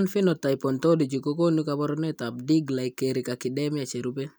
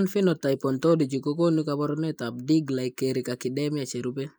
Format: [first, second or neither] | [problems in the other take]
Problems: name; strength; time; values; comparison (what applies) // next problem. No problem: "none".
first | noise reduction (neural mask model Resemble Enhance denoiser)